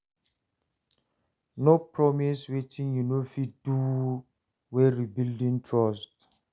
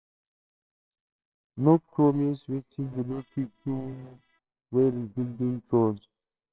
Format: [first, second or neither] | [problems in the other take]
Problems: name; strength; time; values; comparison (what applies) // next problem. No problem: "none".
first | noise reduction (neural separator model SepFormer WHAMR!)